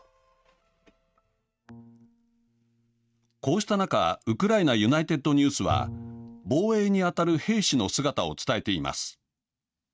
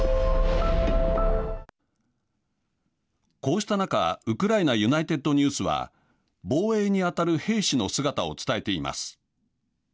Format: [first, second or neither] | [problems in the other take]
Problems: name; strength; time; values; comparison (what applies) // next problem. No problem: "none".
second | noise reduction (neural mask model RNNoise)